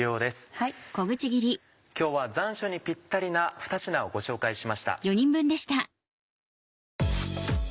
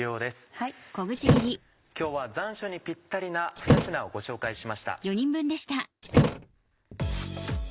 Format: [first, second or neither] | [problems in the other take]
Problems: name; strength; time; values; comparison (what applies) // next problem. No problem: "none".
first | background sound (Thump, thud); 3 dB above the speech